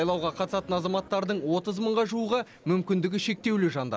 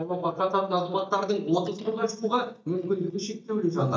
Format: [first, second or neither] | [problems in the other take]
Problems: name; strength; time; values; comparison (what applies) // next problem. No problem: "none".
first | noise reduction (neural mask model DeepFilterNet 3)